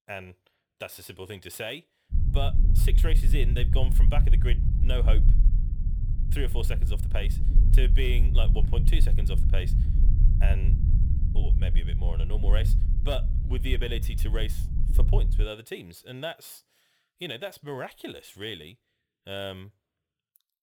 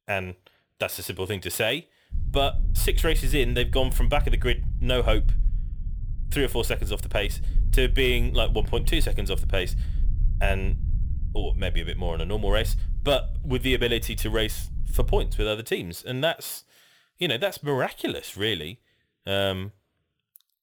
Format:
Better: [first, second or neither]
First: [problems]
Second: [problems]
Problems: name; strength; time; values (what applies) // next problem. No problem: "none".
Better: second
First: low rumble; loud; from 2 to 15 s; 7 dB below the speech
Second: low rumble; faint; from 2 to 15 s; 20 dB below the speech